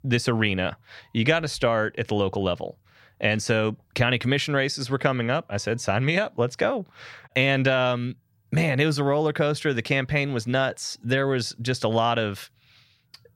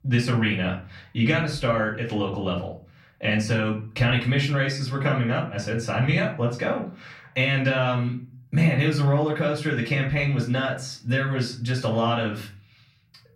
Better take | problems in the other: first | off-mic speech; far // room echo; slight; dies away in 0.4 s

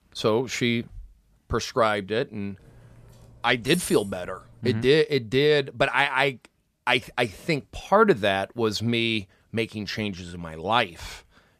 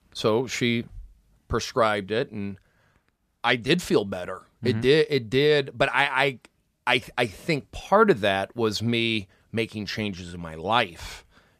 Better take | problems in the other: second | clattering dishes; noticeable; from 2.5 to 4.5 s; peak 9 dB below the speech

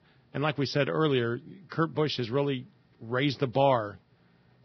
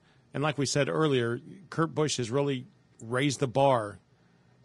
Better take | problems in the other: second | garbled, watery; badly; nothing above 5.5 kHz; slightly in the second

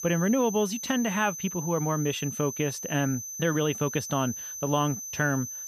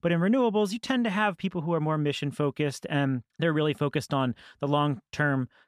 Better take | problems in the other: second | high-pitched whine; loud; throughout; 6 kHz, 7 dB below the speech

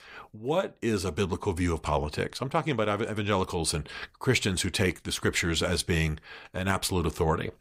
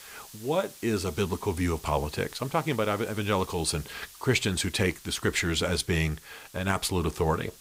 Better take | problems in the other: first | hiss; noticeable; throughout; 20 dB below the speech

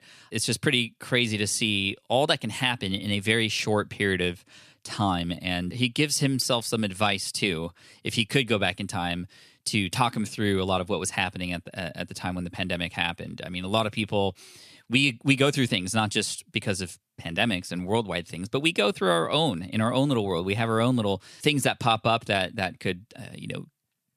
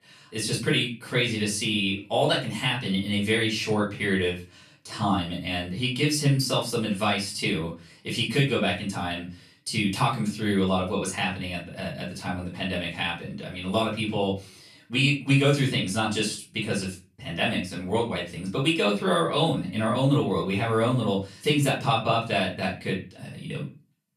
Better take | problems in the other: first | off-mic speech; far // room echo; slight; dies away in 0.3 s

